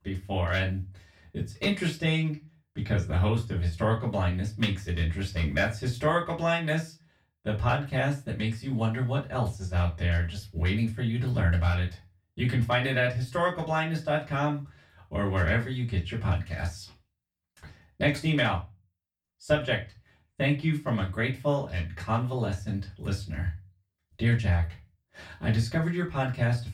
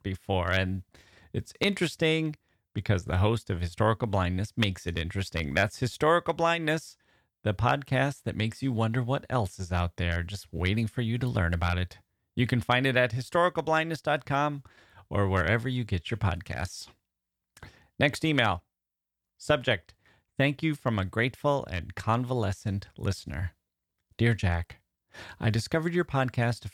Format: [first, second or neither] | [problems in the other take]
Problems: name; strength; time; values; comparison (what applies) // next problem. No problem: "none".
second | off-mic speech; far // room echo; very slight; dies away in 0.2 s